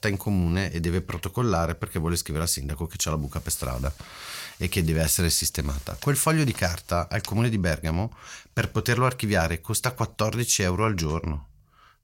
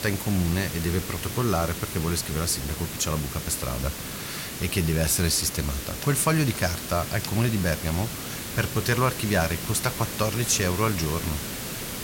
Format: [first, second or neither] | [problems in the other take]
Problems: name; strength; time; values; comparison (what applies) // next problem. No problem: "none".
first | hiss; loud; throughout; 6 dB below the speech